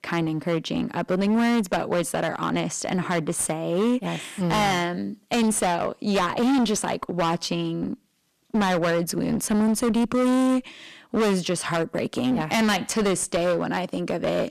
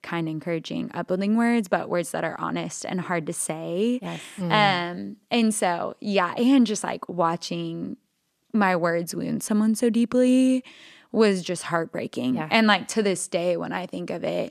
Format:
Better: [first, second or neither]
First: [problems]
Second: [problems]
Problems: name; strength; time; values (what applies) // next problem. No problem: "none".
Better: second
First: distortion; heavy; 21% of the sound clipped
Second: none